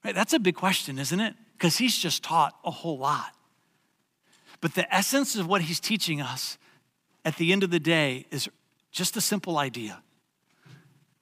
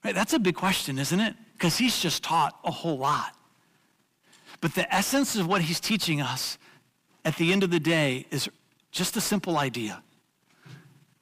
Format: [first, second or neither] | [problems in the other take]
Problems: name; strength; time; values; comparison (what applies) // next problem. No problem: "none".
first | distortion; slight; 10 dB below the speech